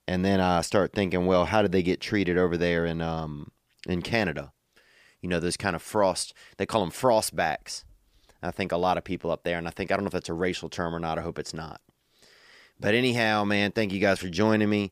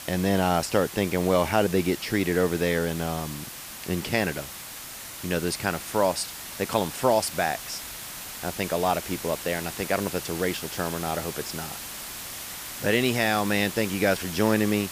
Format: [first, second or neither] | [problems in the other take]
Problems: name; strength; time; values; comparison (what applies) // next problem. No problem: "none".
first | hiss; loud; throughout; 9 dB below the speech